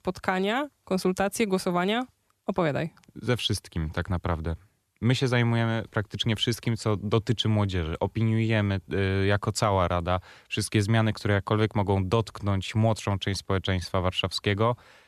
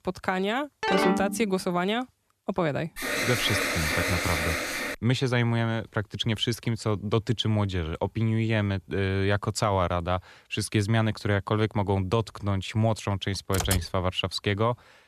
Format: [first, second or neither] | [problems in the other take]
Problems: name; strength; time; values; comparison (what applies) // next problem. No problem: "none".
first | phone ringing; loud; at 1 s; peak 3 dB above the speech // alarm; loud; from 3 to 5 s; peak 2 dB above the speech // keyboard typing; noticeable; at 14 s; peak 2 dB below the speech